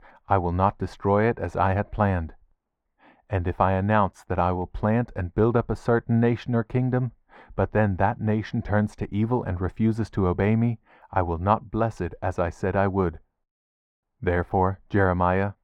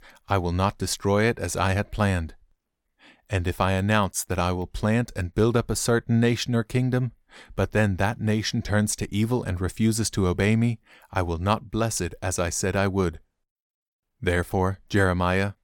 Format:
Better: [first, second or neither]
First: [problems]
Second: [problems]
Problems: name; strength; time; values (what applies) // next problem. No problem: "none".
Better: second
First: muffled; very; fading above 3.5 kHz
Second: none